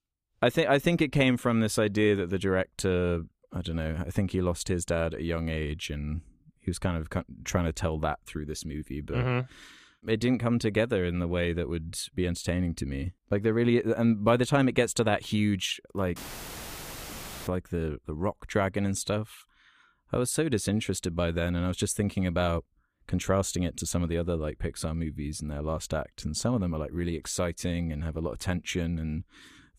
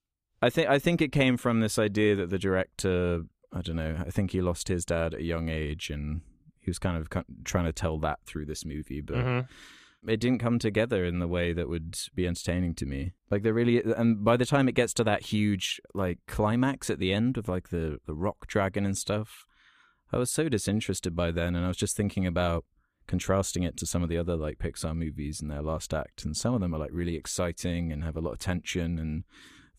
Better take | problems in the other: second | audio cutting out; filled with static; at 16 s for 1.5 s

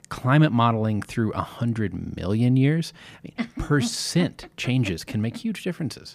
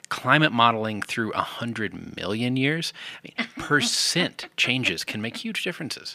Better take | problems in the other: first | thin; somewhat; fading below 1 kHz

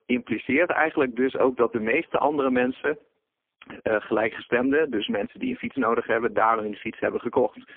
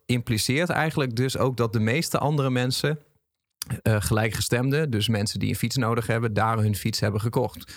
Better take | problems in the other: second | phone-call audio; poor line; nothing above 3.5 kHz

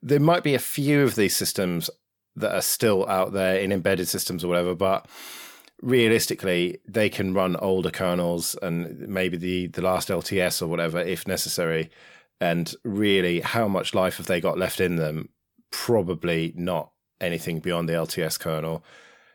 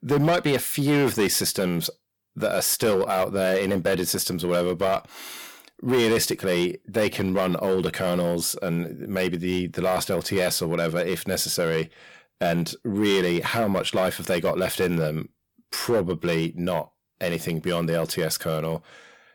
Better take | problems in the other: first | distortion; slight; 6% of the sound clipped

